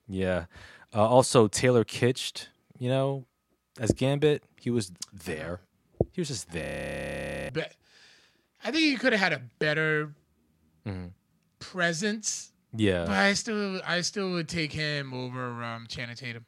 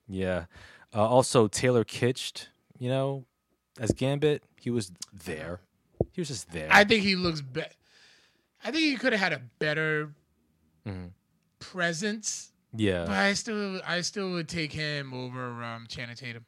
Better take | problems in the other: second | audio freezing; at 6.5 s for 1 s

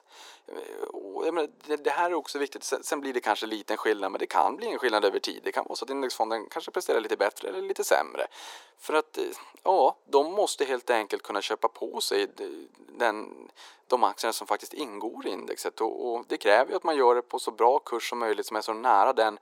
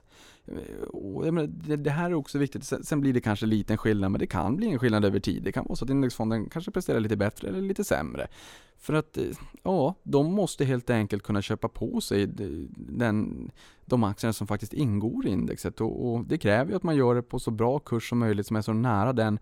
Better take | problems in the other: second | thin; very; fading below 400 Hz

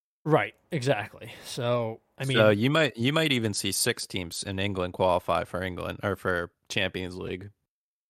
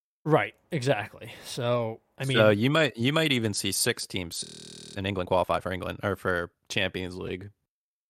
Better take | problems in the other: first | audio freezing; at 4.5 s for 0.5 s

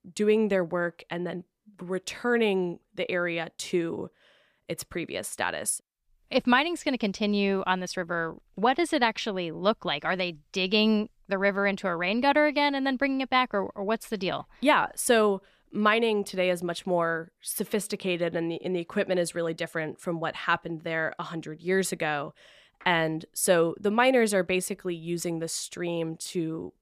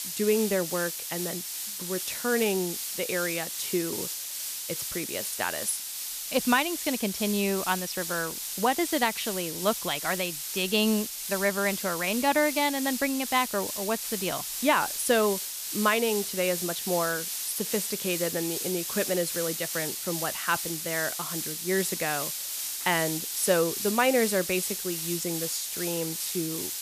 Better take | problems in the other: first | hiss; loud; throughout; 3 dB below the speech

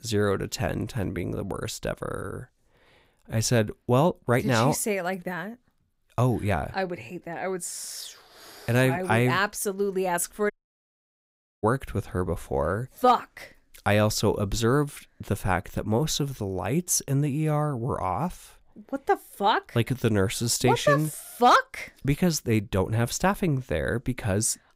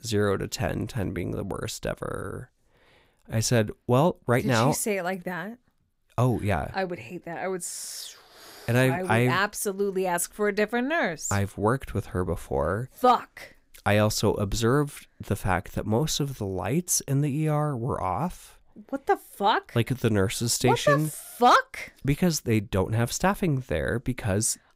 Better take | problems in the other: second | audio cutting out; at 11 s for 1 s

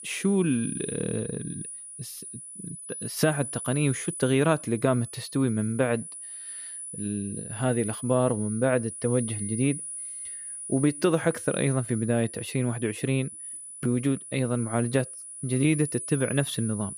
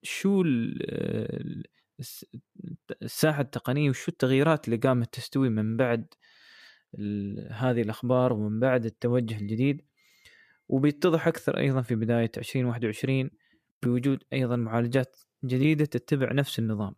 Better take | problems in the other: second | high-pitched whine; loud; throughout; 9.5 kHz, 9 dB below the speech

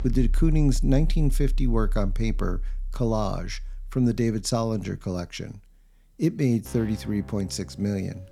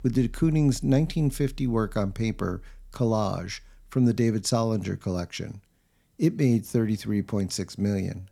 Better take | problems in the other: second | background music; loud; throughout; 6 dB below the speech; faint in the second

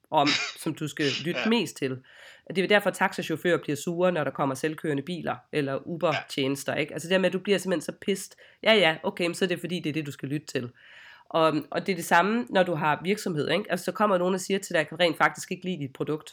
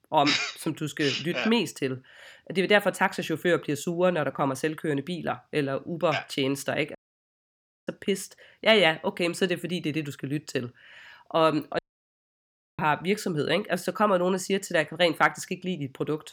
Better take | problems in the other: first | audio cutting out; at 7 s for 1 s and at 12 s for 1 s

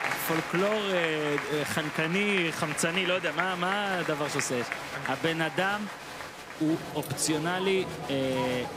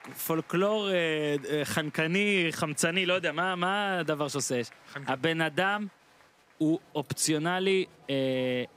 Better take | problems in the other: second | crowd noise; loud; throughout; 6 dB below the speech; faint in the second

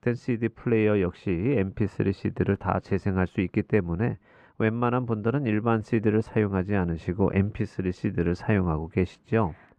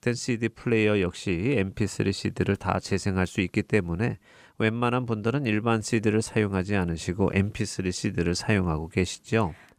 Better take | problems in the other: second | muffled; very; fading above 3.5 kHz

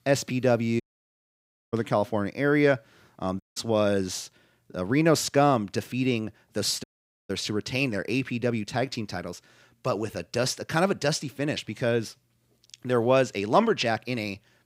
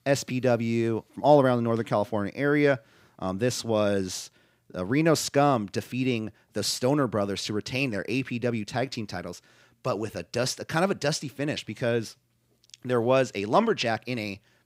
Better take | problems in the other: second | audio cutting out; at 1 s for 1 s, at 3.5 s and at 7 s

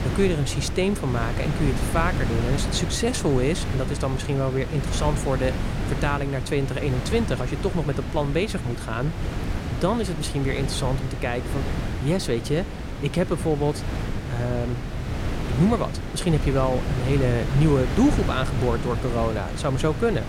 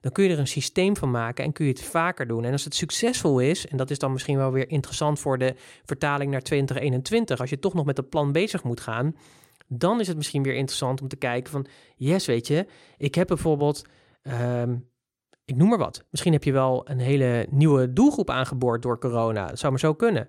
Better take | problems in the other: second | wind noise on the microphone; heavy; 7 dB below the speech

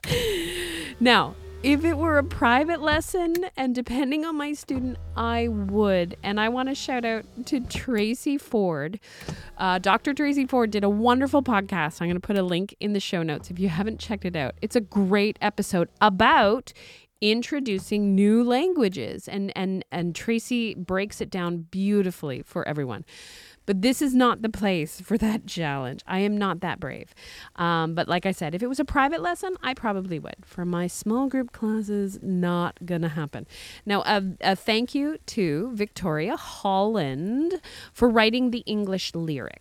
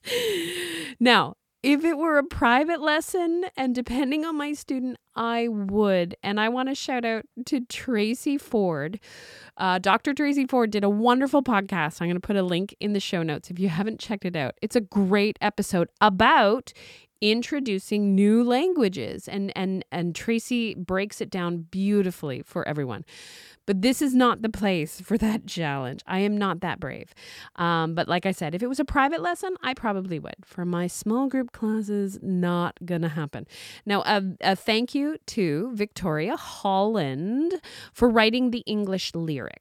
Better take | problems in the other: second | traffic noise; noticeable; throughout; 15 dB below the speech

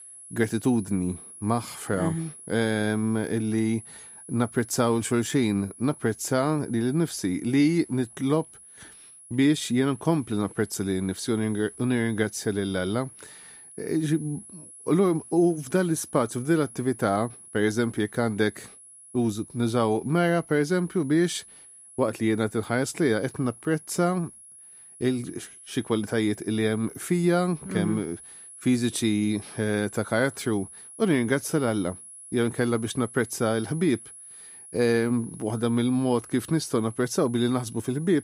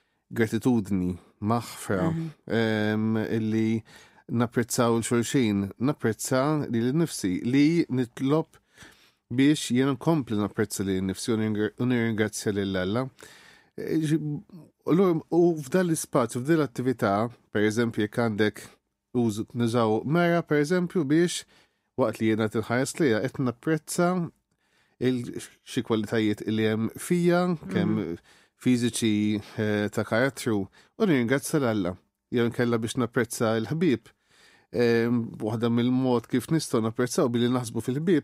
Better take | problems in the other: second | high-pitched whine; noticeable; throughout; 10.5 kHz, 20 dB below the speech

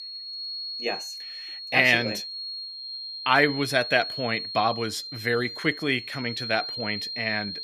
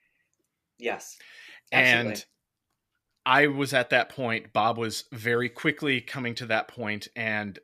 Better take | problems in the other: second | high-pitched whine; loud; throughout; 4.5 kHz, 8 dB below the speech

